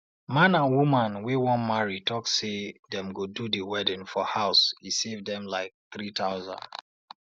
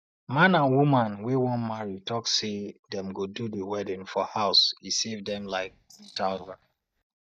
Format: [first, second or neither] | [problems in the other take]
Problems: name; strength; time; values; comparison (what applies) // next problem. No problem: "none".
first | noise reduction (neural mask model DeepFilterNet 3)